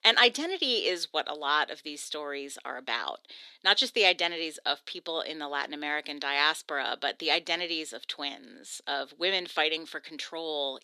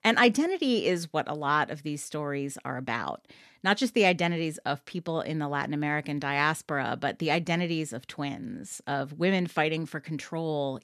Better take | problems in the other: second | thin; somewhat; fading below 350 Hz

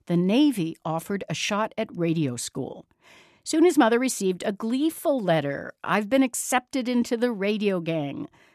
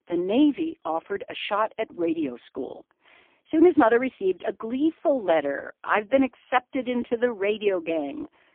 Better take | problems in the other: first | phone-call audio; poor line; nothing above 3.5 kHz

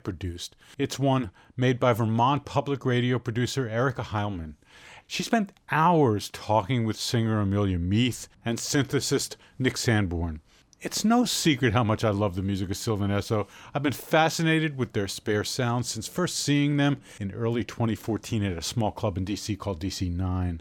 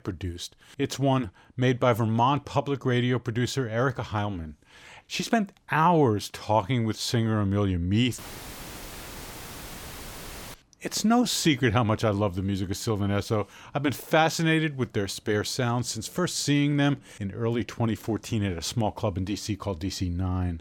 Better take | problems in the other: first | audio cutting out; filled with static; at 8 s for 2.5 s

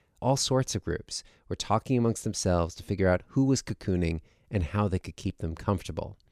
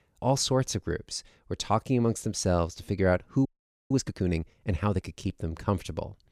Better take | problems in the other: first | audio freezing; at 3.5 s

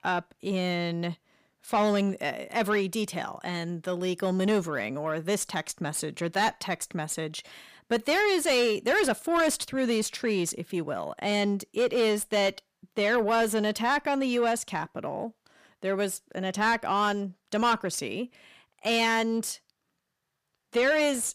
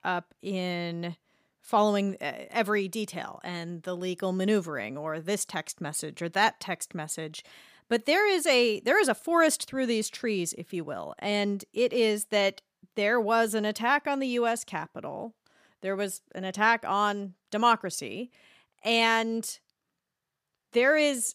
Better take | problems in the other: second | distortion; slight; 10 dB below the speech

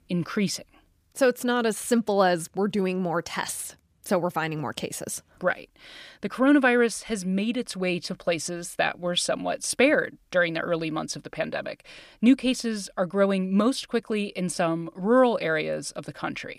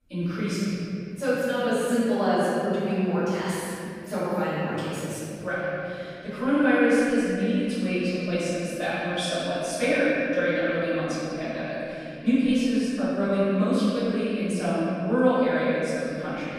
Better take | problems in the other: first | room echo; strong; dies away in 3 s // off-mic speech; far

